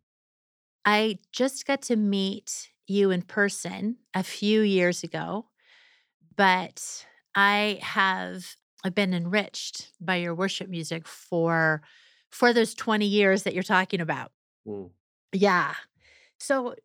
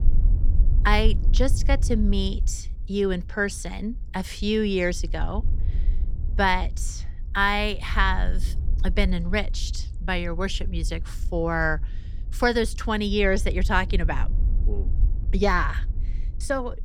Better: first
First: none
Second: wind noise on the microphone; occasional gusts; 20 dB below the speech

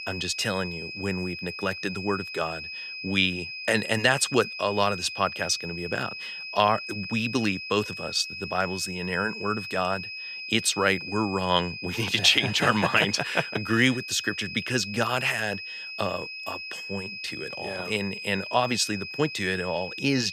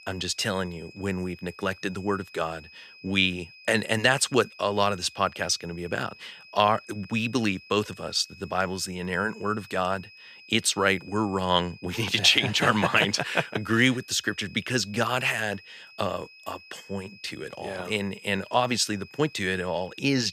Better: second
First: high-pitched whine; loud; throughout; 2.5 kHz, 8 dB below the speech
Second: high-pitched whine; faint; throughout; 2.5 kHz, 20 dB below the speech

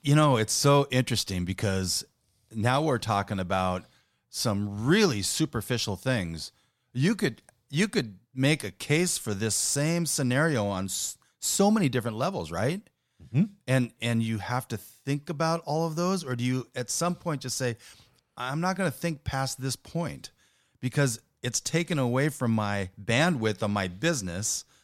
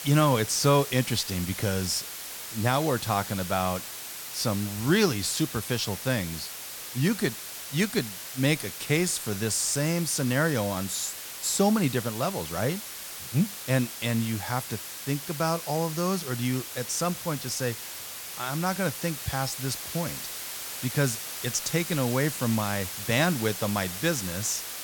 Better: first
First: none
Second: hiss; loud; throughout; 7 dB below the speech

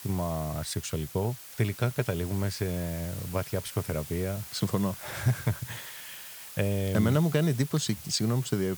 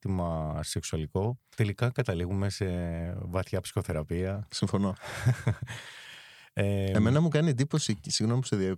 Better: second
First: hiss; noticeable; throughout; 10 dB below the speech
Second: none

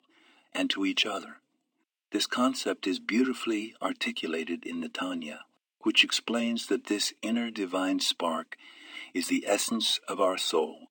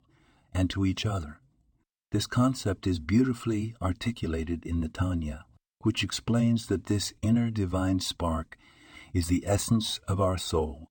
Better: second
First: thin; very slightly; fading below 250 Hz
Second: none

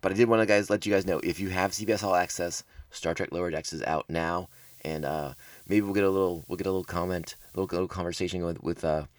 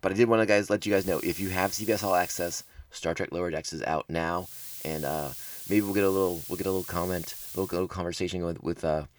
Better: first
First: hiss; faint; from 1 to 2.5 s and from 4.5 to 8 s; 20 dB below the speech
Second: hiss; loud; from 1 to 2.5 s and from 4.5 to 8 s; 9 dB below the speech

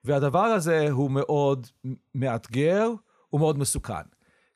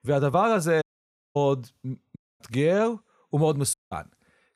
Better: first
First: none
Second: audio cutting out; at 1 s for 0.5 s, at 2 s and at 3.5 s

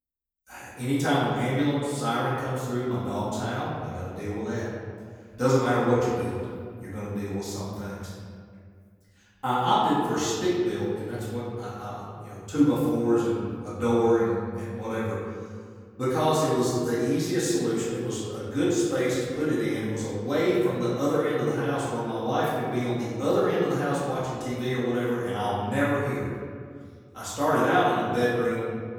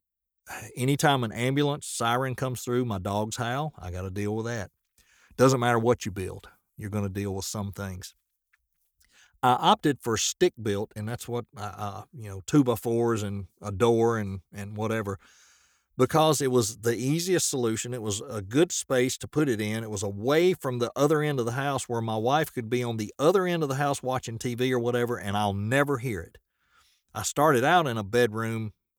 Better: second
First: off-mic speech; far // room echo; strong; dies away in 1.9 s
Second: none

